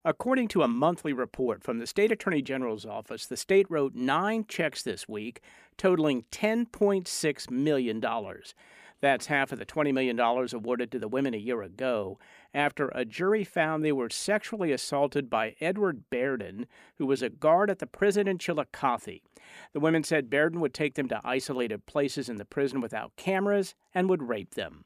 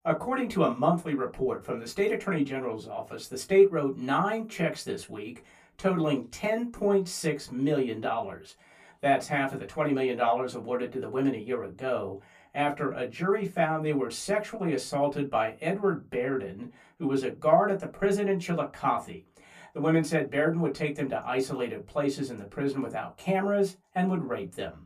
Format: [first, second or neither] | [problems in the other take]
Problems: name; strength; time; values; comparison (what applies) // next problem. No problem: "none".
first | off-mic speech; far // room echo; very slight; dies away in 0.2 s